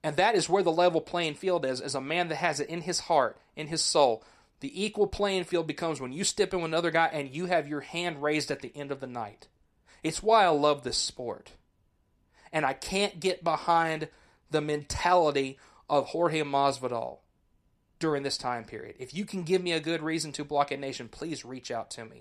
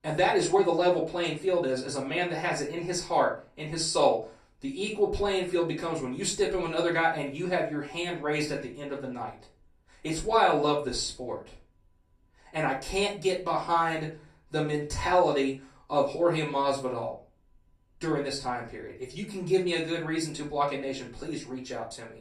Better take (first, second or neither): first